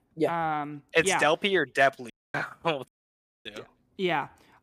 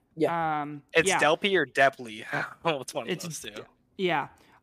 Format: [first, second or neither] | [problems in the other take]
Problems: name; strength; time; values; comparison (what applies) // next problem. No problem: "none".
second | audio cutting out; at 2 s and at 3 s for 0.5 s